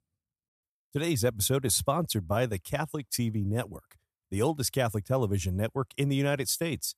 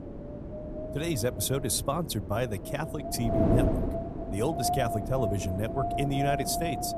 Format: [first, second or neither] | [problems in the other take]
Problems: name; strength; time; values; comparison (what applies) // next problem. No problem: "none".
first | wind noise on the microphone; heavy; as loud as the speech